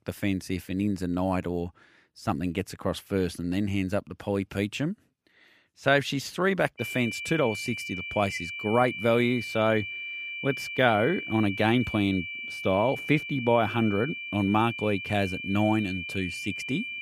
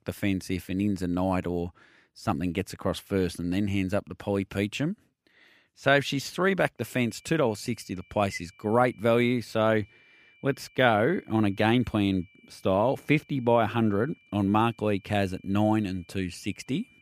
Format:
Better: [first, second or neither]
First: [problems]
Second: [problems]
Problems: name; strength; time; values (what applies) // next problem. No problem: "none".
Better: second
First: high-pitched whine; loud; from 7 s on; 2.5 kHz, 6 dB below the speech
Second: high-pitched whine; faint; from 7 s on; 2.5 kHz, 30 dB below the speech